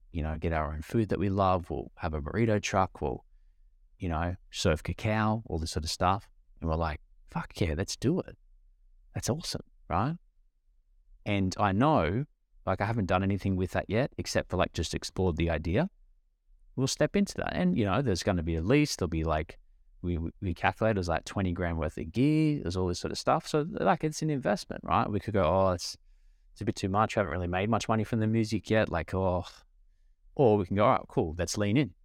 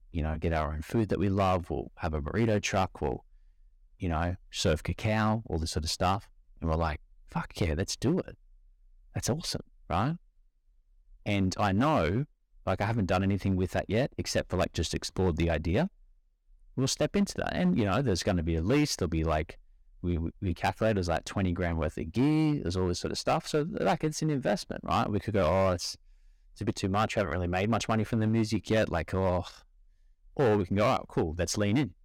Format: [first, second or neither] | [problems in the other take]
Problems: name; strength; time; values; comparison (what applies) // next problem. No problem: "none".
first | distortion; slight; 4% of the sound clipped